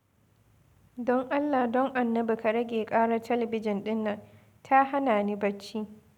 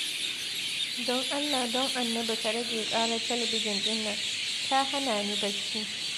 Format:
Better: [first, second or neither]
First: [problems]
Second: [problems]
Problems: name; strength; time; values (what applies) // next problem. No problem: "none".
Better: first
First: none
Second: background sound (Chirp, tweet); 2 dB above the speech